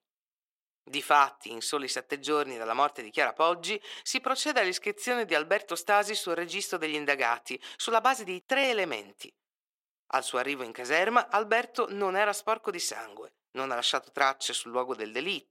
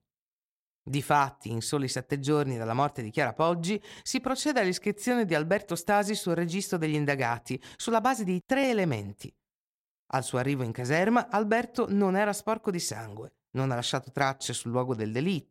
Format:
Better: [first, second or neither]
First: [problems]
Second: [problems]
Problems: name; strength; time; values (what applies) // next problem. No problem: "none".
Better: second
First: thin; somewhat; fading below 350 Hz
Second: none